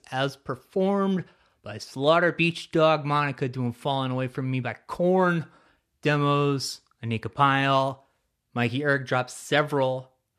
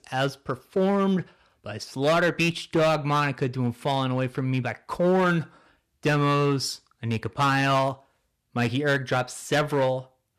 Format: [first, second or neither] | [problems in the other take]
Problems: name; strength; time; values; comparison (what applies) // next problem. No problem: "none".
first | distortion; slight; 6% of the sound clipped